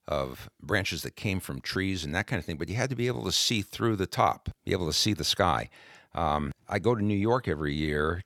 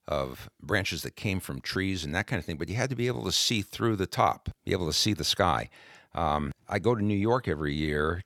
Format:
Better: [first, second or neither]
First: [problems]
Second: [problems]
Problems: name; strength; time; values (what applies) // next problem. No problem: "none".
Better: neither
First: none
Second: none